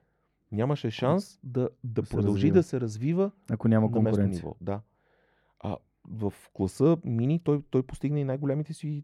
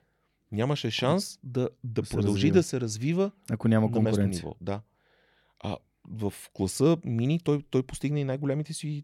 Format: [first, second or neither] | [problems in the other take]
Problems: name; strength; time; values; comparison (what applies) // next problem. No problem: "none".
second | muffled; slightly; fading above 2 kHz